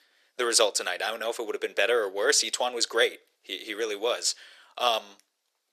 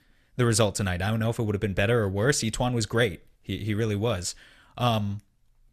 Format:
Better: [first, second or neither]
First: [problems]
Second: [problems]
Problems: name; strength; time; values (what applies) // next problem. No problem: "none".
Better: second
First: thin; very; fading below 400 Hz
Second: none